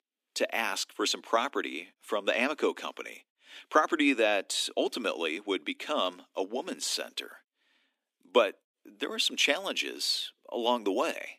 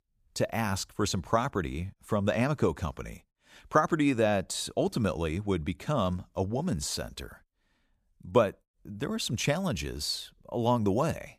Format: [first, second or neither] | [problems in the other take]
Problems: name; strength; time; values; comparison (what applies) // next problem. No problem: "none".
second | thin; very slightly; fading below 250 Hz